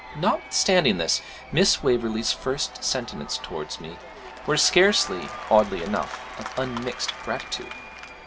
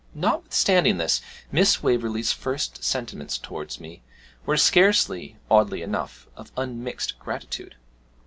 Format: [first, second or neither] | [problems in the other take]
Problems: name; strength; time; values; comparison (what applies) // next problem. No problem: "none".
second | background sound (Applause / Crowd / Cheering); 14 dB below the speech